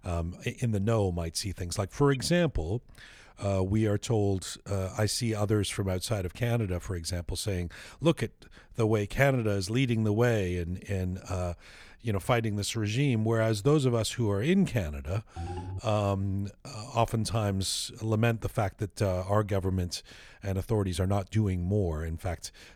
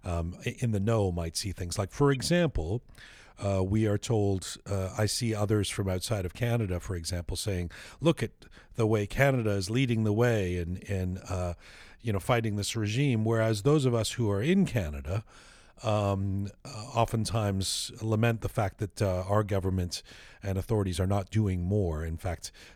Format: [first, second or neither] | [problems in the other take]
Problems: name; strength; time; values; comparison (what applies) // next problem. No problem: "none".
second | phone ringing; noticeable; at 15 s; peak 8 dB below the speech